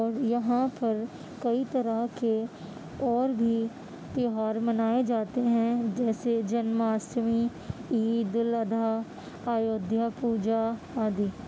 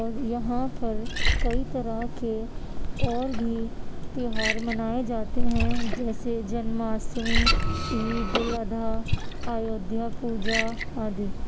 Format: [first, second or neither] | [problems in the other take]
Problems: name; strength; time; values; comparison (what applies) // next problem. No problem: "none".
first | background sound (Liquid + Printer); 5 dB above the speech